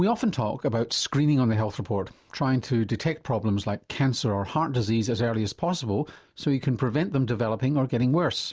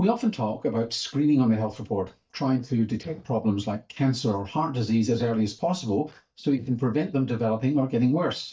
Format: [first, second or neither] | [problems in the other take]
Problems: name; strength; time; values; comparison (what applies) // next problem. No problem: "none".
first | noise reduction (neural mask model DeepFilterNet 3)